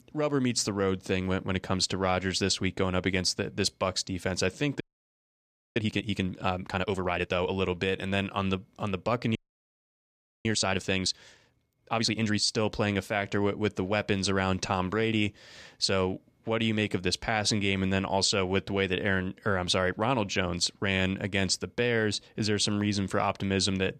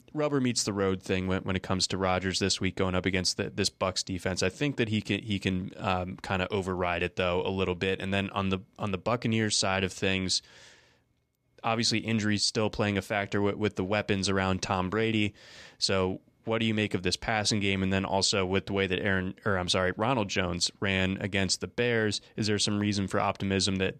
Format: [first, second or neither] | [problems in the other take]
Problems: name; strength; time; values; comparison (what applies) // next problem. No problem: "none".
second | audio freezing; at 5 s for 1 s and at 9.5 s for 1 s